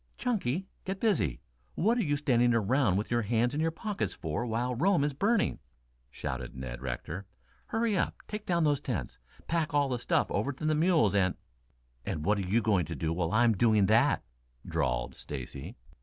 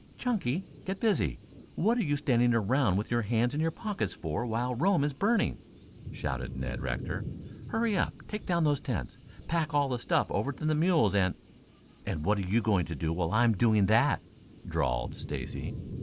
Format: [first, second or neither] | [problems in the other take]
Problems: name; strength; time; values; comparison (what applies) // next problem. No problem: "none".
first | background sound (Thunder / Cricket); 15 dB below the speech